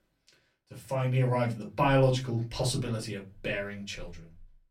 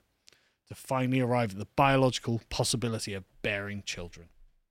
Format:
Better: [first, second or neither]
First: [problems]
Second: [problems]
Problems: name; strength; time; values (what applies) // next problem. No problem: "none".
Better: second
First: off-mic speech; far // room echo; very slight; dies away in 0.3 s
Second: none